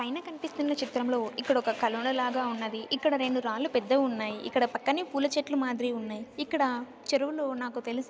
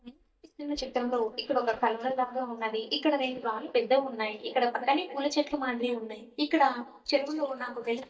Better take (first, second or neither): first